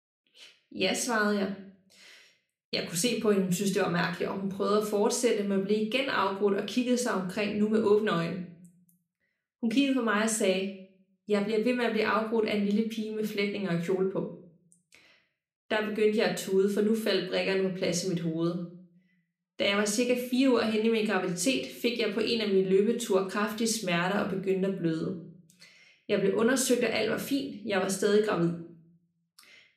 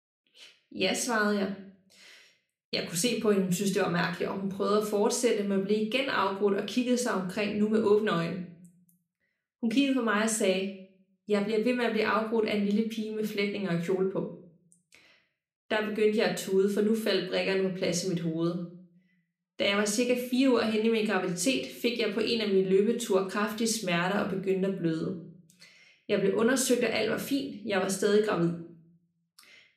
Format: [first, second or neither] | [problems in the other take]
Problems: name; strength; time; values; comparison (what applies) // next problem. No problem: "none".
neither | room echo; very slight; dies away in 0.4 s; the same in both